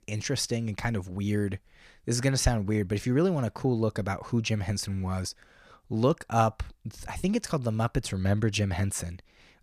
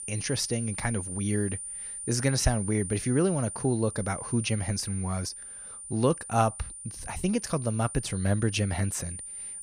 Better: first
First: none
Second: high-pitched whine; loud; throughout; 9 kHz, 8 dB below the speech

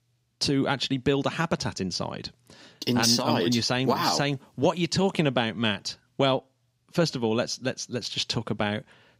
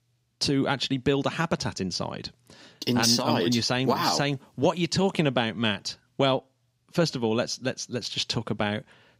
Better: neither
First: none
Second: none

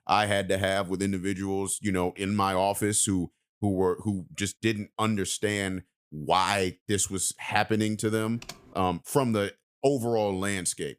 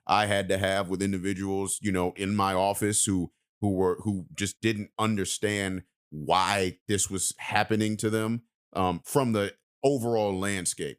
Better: second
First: keyboard typing; faint; at 8.5 s; peak 15 dB below the speech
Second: none

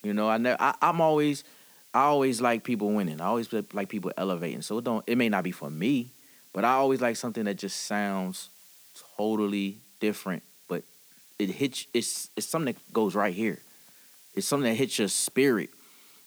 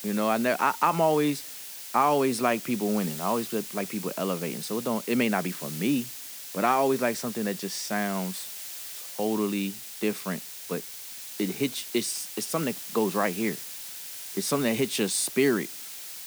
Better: first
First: hiss; faint; throughout; 25 dB below the speech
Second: hiss; loud; throughout; 9 dB below the speech

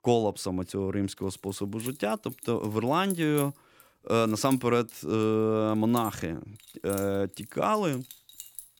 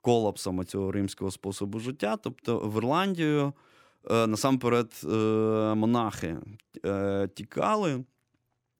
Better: second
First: jangling keys; noticeable; from 1.5 s on; peak 9 dB below the speech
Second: none

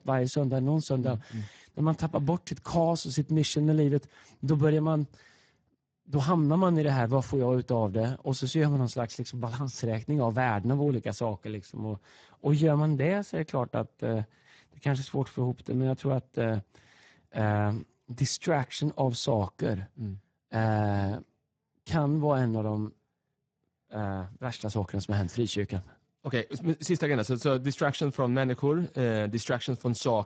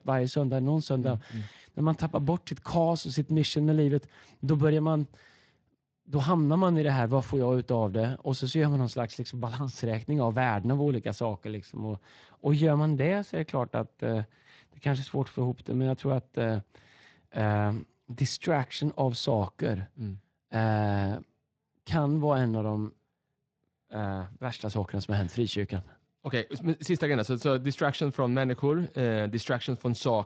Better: second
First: garbled, watery; badly; nothing above 8 kHz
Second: garbled, watery; slightly; nothing above 8 kHz

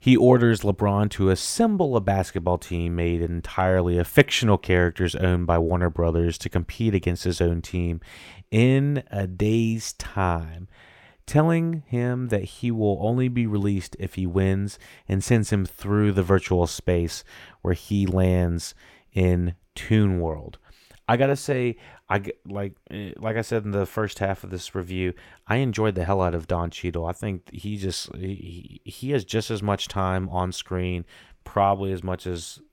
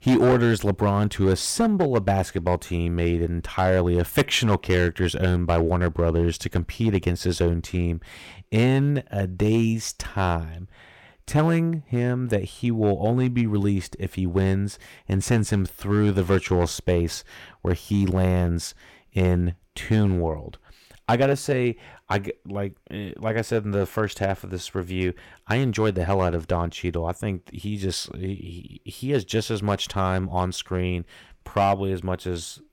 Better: first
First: none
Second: distortion; slight; 3% of the sound clipped

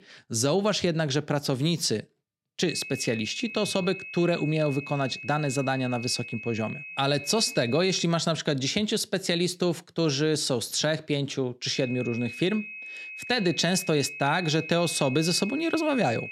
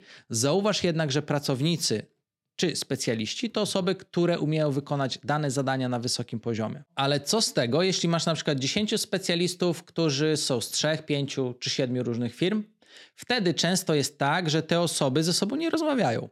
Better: second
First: high-pitched whine; noticeable; from 2.5 to 8 s and from 12 s on; 2.5 kHz, 10 dB below the speech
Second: none

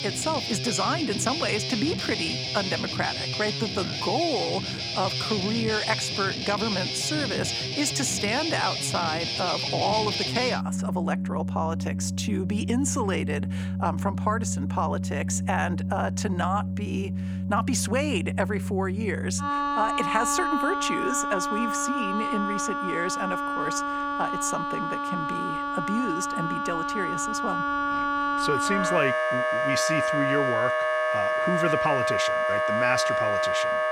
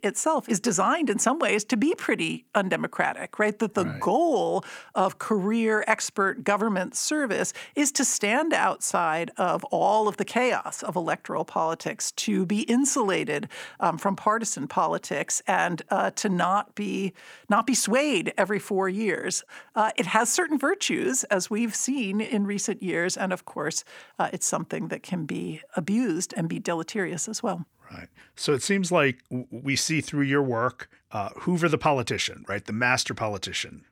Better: second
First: background music; very loud; throughout; 2 dB above the speech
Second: none

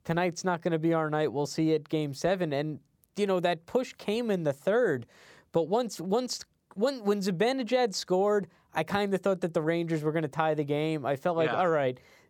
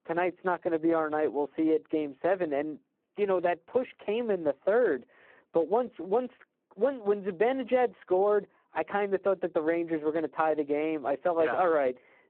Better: first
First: none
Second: phone-call audio; poor line

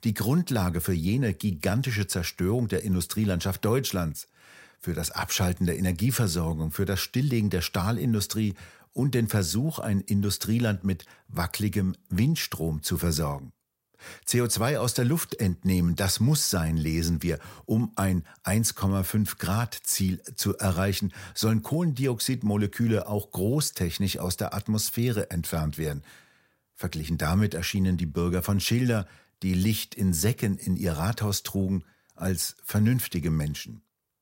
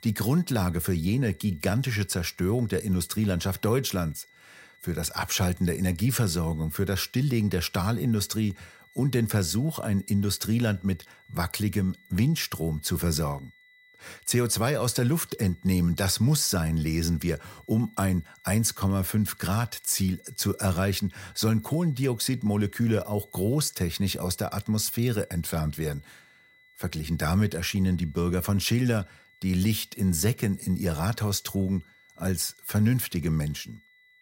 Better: first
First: none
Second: high-pitched whine; faint; throughout; 2 kHz, 30 dB below the speech

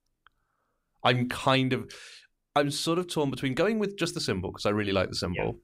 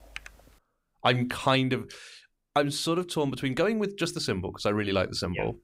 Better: first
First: none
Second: keyboard typing; faint; at the start; peak 15 dB below the speech

